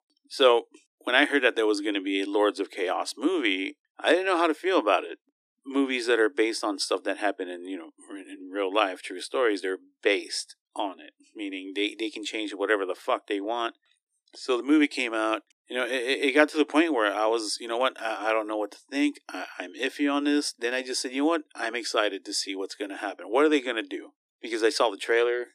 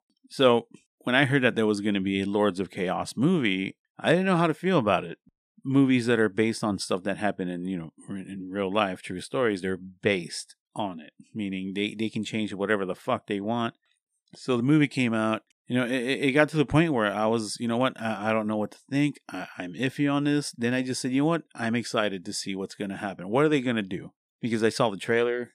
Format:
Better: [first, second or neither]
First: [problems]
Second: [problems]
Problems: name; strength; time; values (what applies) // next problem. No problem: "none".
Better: second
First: thin; very slightly; fading below 300 Hz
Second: none